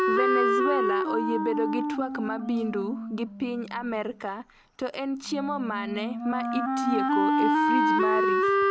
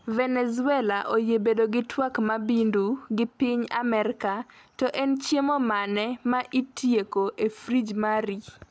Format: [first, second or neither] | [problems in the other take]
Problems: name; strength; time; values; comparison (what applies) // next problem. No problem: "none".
second | background sound (Wind instrument, woodwind instrument); 4 dB above the speech